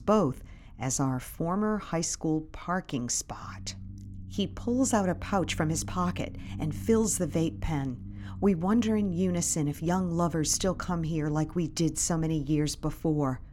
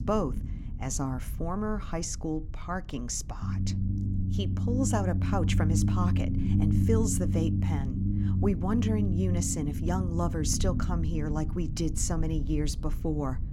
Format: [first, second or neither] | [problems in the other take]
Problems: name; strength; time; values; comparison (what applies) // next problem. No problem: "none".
first | low rumble; loud; throughout; 6 dB below the speech; faint in the first